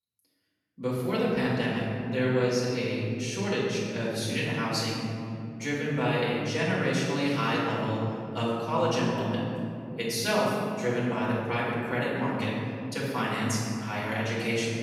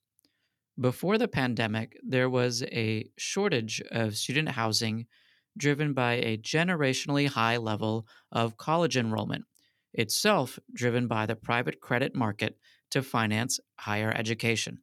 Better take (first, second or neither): second